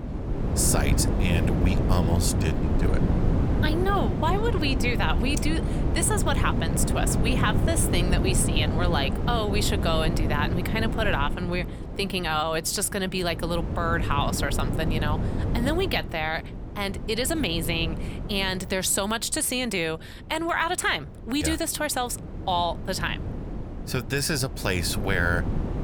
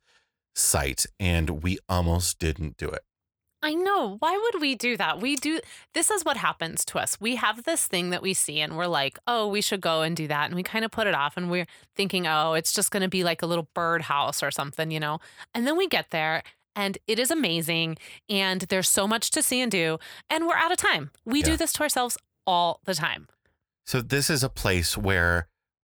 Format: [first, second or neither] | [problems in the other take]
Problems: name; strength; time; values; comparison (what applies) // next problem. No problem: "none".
second | wind noise on the microphone; heavy; 8 dB below the speech